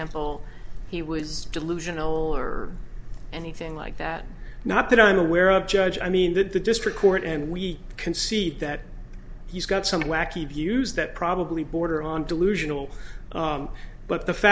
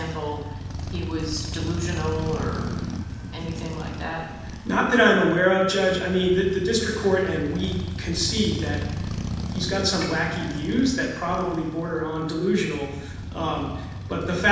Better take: first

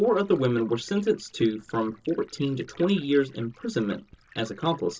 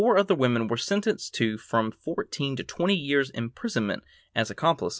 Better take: second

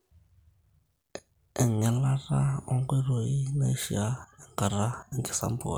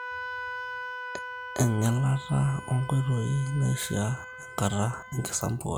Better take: first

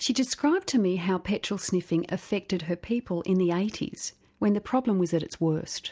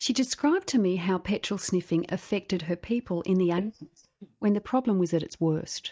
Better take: first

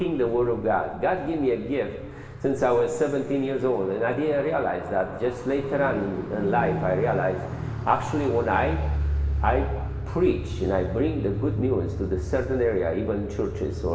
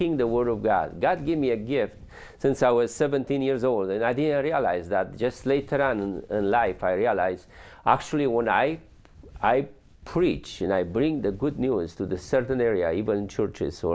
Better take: second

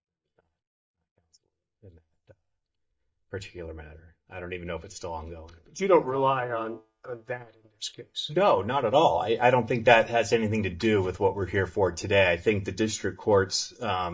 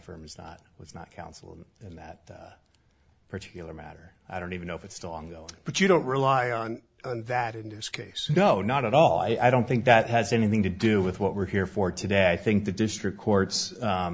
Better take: second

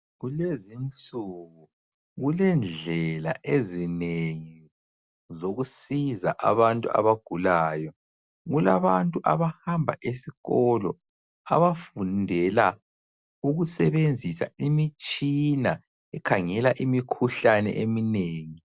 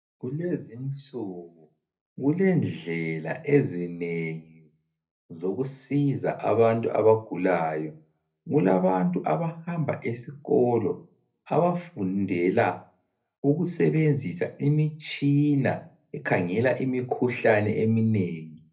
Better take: first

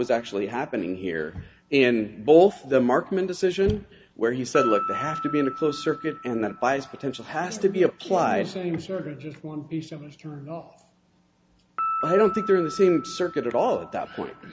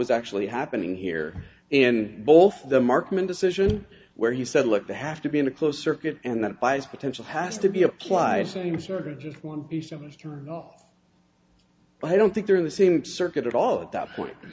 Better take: second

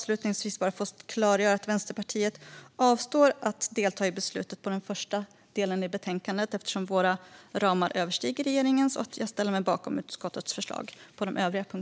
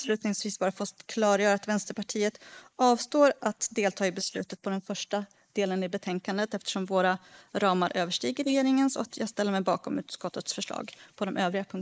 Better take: first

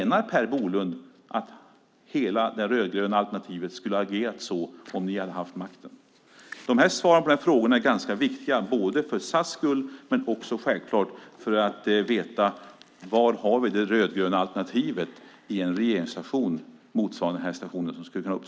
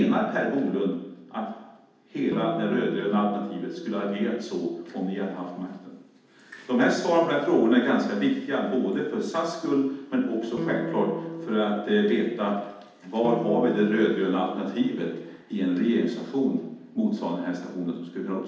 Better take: first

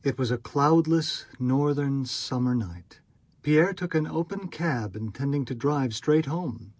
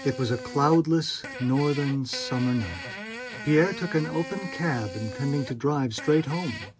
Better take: first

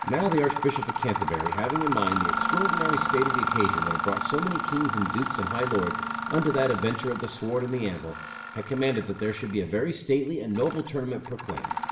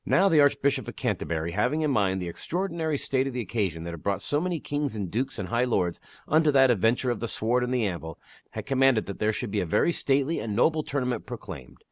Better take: second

